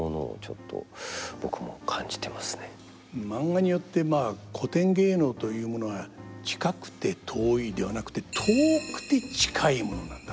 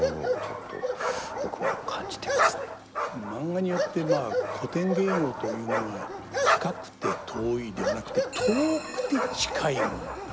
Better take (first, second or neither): first